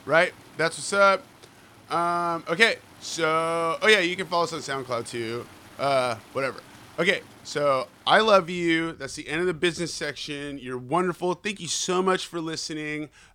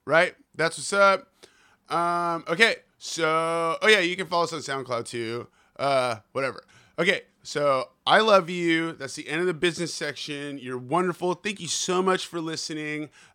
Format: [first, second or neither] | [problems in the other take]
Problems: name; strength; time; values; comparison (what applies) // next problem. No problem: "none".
second | rain or running water; faint; throughout; 25 dB below the speech